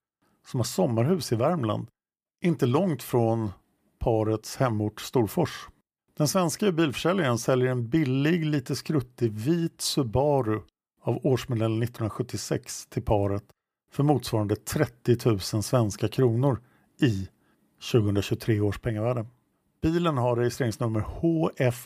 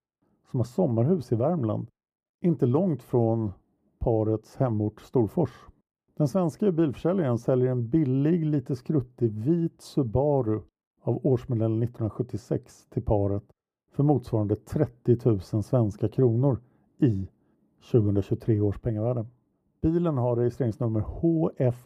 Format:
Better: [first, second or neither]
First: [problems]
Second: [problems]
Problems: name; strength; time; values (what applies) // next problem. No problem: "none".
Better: first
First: none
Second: muffled; very; fading above 1 kHz